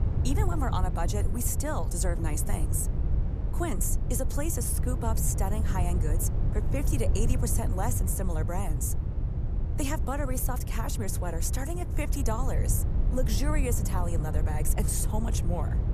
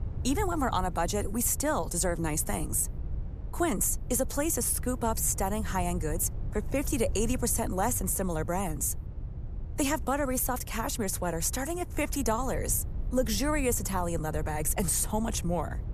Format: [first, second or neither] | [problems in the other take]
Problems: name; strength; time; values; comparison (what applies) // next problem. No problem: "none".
second | low rumble; loud; throughout; 8 dB below the speech; faint in the second